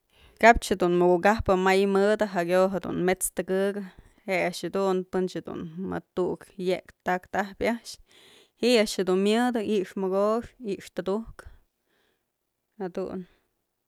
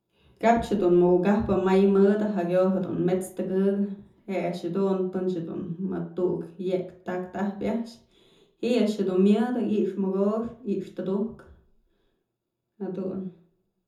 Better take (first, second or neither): first